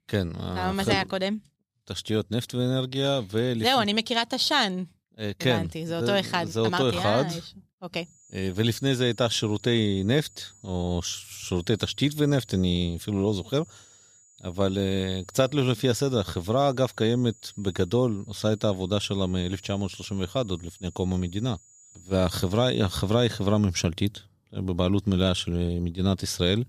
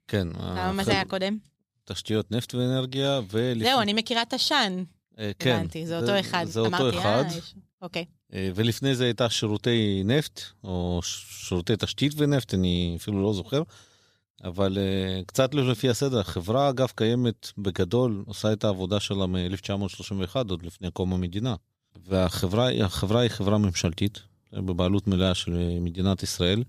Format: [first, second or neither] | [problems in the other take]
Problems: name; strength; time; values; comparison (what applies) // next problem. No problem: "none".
second | high-pitched whine; faint; from 8 to 24 s; 7 kHz, 25 dB below the speech